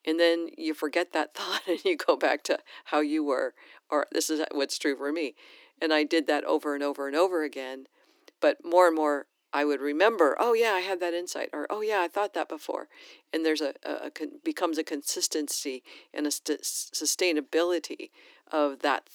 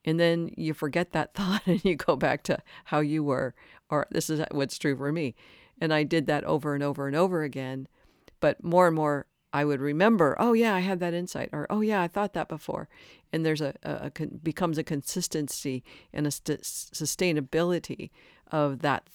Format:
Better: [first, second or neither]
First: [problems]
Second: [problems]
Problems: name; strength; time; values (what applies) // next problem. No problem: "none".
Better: second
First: thin; somewhat; fading below 300 Hz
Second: none